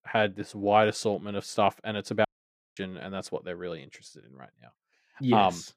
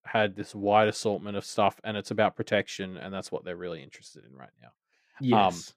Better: second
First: audio cutting out; at 2.5 s for 0.5 s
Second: none

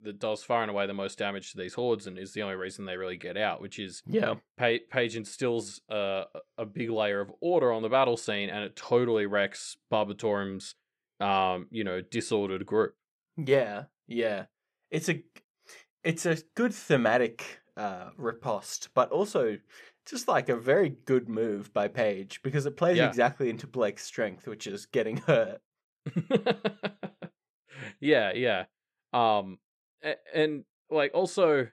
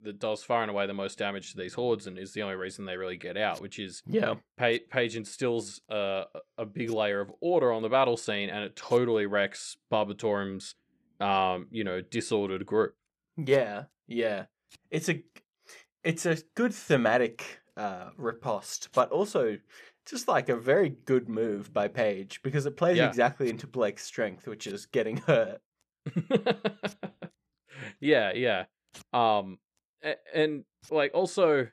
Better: first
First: none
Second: household noises; faint; throughout; 25 dB below the speech

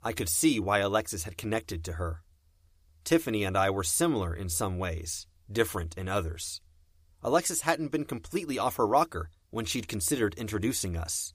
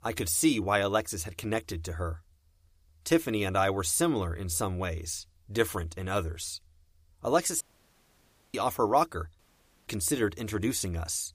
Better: first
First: none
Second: audio cutting out; at 7.5 s for 1 s and at 9.5 s

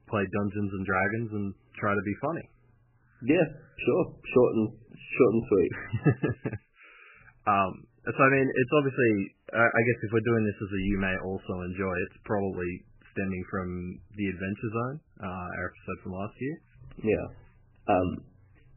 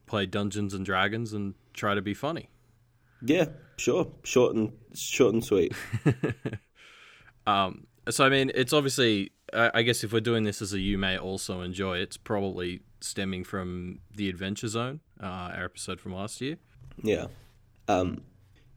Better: second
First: garbled, watery; badly; nothing above 3 kHz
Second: none

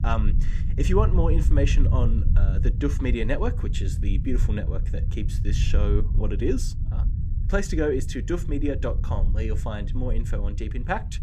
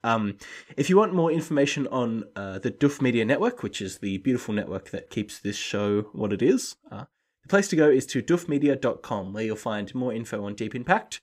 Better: second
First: low rumble; noticeable; throughout; 10 dB below the speech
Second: none

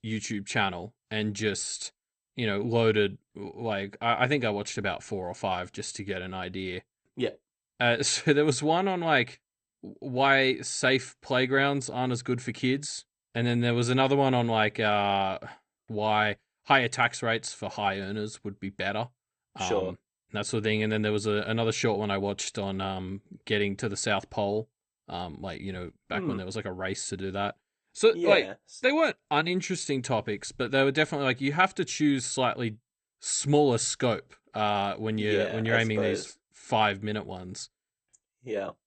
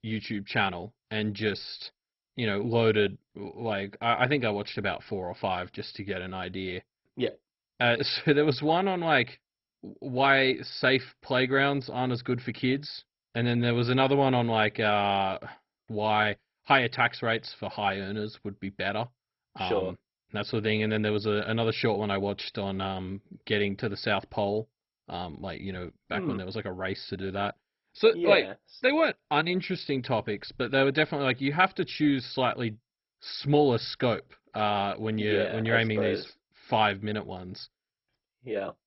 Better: first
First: garbled, watery; slightly; nothing above 8.5 kHz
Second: garbled, watery; badly; nothing above 5.5 kHz

